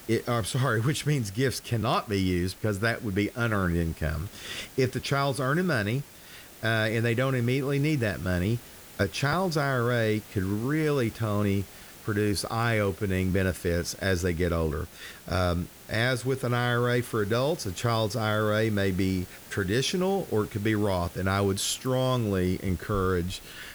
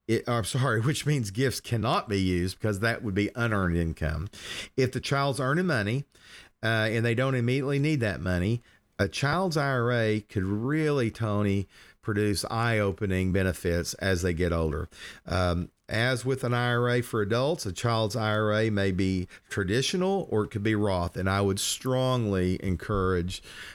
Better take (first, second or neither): second